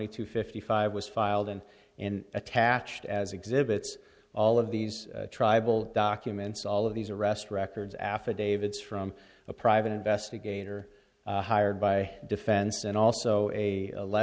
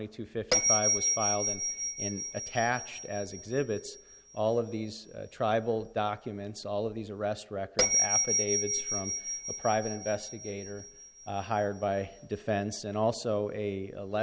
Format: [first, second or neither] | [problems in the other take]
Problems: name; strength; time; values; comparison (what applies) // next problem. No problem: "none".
first | background sound (Bell); 2 dB below the speech